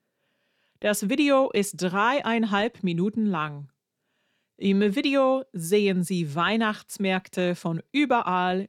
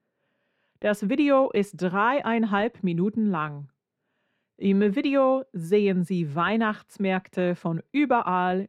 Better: first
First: none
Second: muffled; slightly; fading above 3 kHz

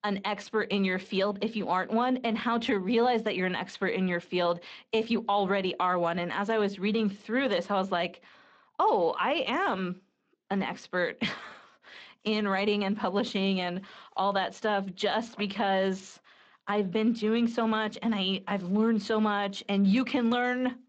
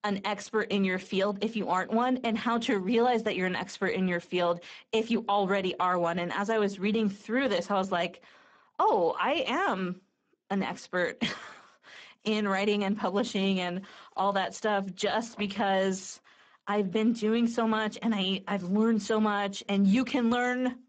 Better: first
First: garbled, watery; slightly; nothing above 7.5 kHz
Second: garbled, watery; badly; nothing above 7.5 kHz

